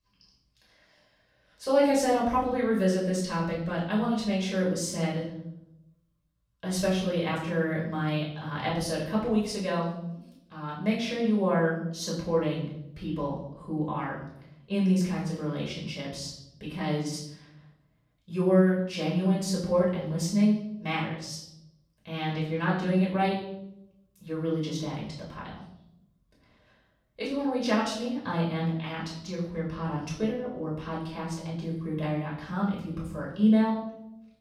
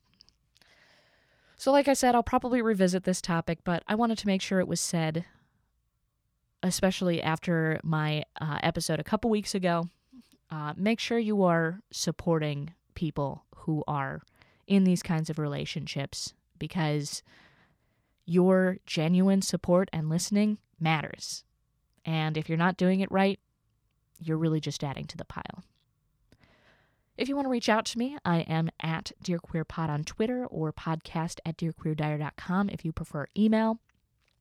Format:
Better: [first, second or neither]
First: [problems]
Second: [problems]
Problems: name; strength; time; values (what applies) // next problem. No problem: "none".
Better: second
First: off-mic speech; far // room echo; noticeable; dies away in 0.7 s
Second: none